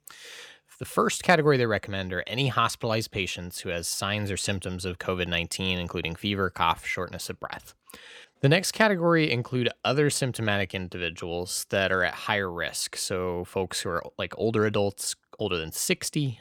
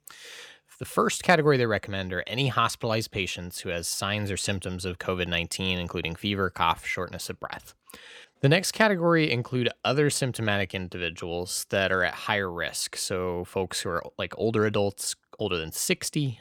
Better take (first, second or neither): neither